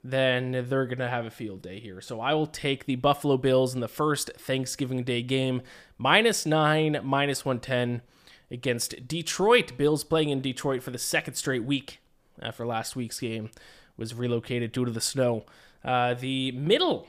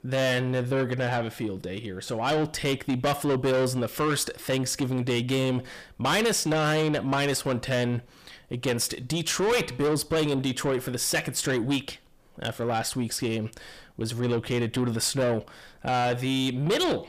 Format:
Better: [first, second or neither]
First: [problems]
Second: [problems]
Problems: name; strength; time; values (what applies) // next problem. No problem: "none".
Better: first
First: none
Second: distortion; heavy; 7 dB below the speech